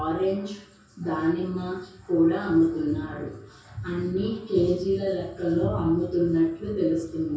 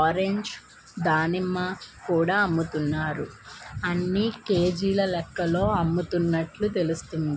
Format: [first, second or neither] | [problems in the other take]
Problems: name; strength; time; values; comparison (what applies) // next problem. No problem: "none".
second | room echo; dies away in 0.6 s